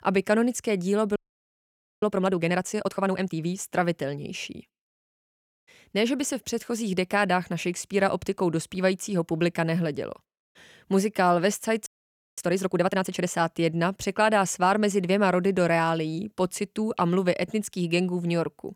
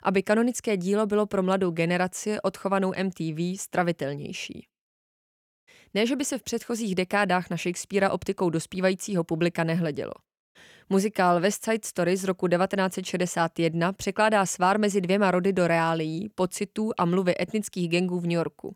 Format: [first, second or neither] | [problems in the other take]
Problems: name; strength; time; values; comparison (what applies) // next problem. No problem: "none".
second | audio freezing; at 1 s for 1 s and at 12 s for 0.5 s